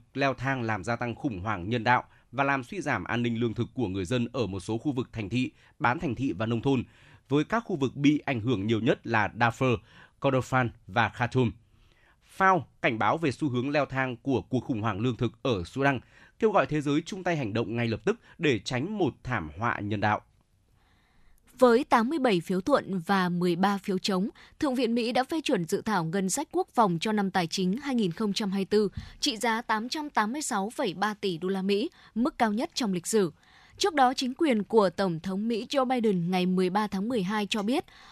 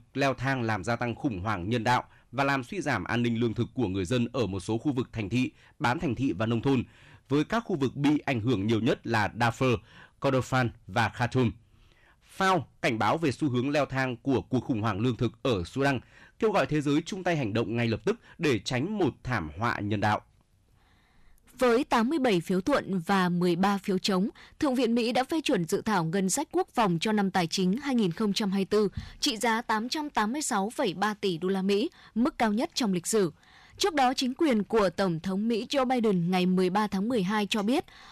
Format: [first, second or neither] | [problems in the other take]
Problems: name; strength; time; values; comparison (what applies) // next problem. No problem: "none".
first | distortion; slight; 5% of the sound clipped